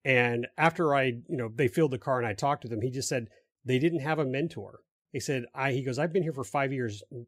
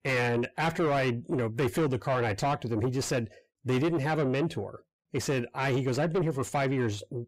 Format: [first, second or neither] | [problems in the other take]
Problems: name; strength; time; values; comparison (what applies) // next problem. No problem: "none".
first | distortion; heavy; 6 dB below the speech